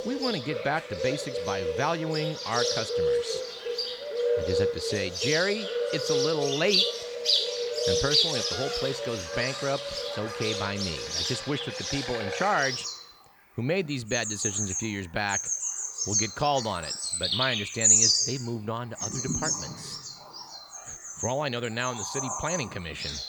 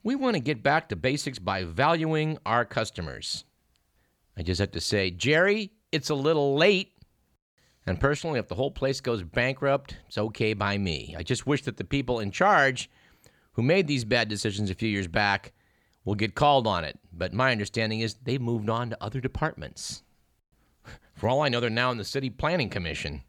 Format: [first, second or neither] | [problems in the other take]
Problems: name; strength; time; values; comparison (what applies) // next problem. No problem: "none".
second | animal sounds; very loud; throughout; 4 dB above the speech